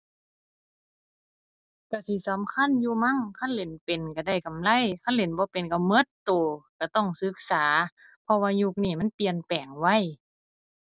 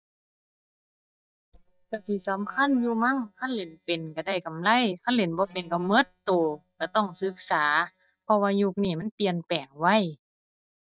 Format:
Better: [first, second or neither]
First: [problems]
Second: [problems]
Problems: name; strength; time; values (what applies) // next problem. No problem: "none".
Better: first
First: none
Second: noise reduction (neural mask model DeepFilterNet 3)